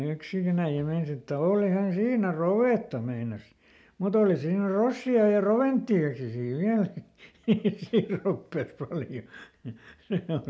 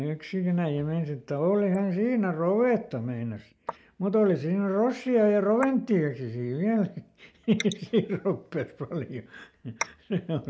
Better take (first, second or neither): first